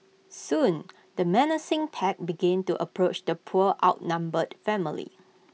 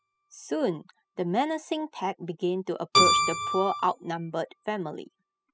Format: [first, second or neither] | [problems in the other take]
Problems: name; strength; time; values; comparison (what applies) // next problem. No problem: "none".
first | noise reduction (classical method spectral subtraction)